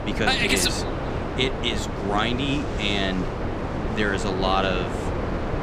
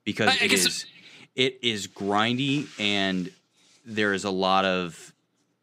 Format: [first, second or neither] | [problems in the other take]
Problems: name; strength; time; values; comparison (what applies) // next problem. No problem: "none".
second | wind noise on the microphone; heavy; 6 dB below the speech